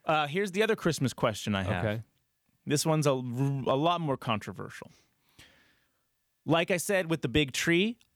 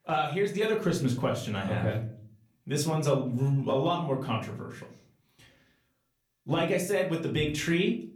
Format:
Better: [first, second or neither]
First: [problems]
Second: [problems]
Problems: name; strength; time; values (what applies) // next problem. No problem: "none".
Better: first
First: none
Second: room echo; slight; dies away in 0.4 s // off-mic speech; far